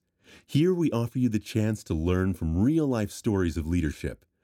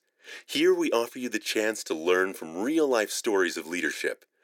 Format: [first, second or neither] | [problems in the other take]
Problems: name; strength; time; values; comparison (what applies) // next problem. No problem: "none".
first | thin; very; fading below 400 Hz